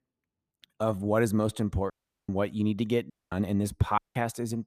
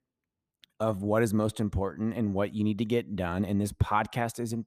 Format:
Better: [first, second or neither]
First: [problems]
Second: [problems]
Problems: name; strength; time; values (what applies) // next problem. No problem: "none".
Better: second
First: audio cutting out; at 2 s, at 3 s and at 4 s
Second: none